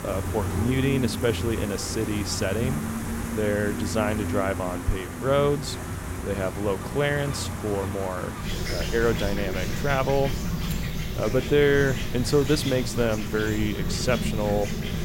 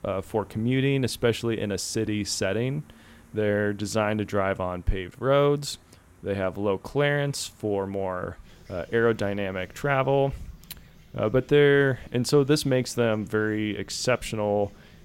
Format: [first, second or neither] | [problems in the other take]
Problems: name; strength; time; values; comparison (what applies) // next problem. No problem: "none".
second | animal sounds; loud; throughout; 4 dB below the speech; faint in the second